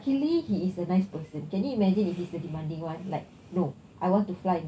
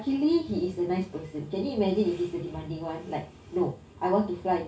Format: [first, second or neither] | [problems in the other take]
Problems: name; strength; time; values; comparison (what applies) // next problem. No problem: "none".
first | room echo; dies away in 0.3 s